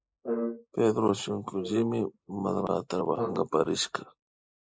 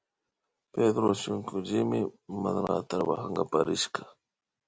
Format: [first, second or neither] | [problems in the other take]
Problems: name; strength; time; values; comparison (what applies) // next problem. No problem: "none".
second | noise reduction (neural mask model Resemble Enhance denoiser)